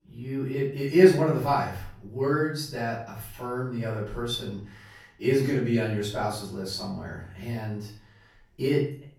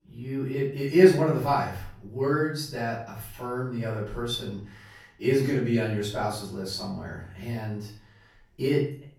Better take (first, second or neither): neither